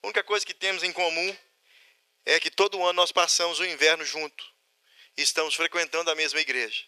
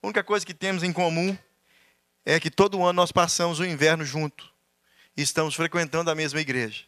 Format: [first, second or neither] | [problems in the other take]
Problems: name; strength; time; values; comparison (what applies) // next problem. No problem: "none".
second | thin; very; fading below 400 Hz